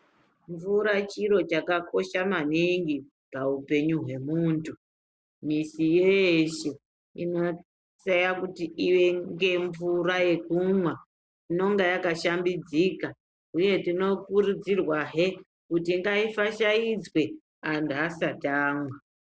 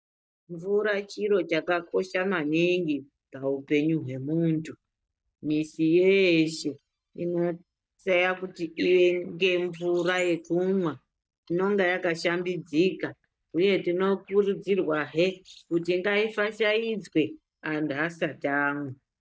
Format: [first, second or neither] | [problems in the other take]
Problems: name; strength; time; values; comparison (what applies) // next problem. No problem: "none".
first | noise reduction (neural mask model DeepFilterNet 3)